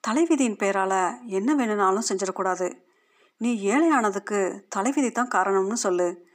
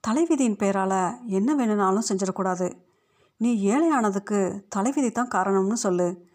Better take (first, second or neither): second